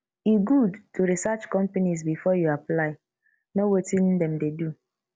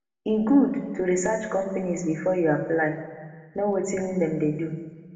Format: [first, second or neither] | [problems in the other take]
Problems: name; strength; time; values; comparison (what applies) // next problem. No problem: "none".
first | room echo; dies away in 1.4 s